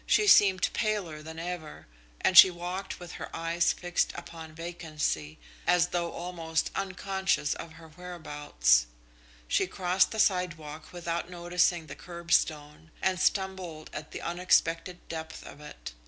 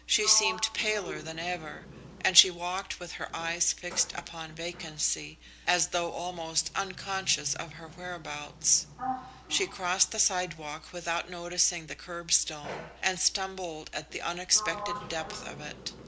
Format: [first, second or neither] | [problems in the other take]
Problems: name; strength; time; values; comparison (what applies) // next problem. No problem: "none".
first | background sound (Sliding door); 13 dB below the speech